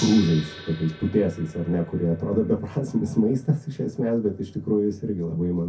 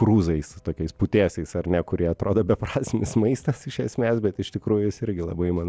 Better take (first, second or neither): second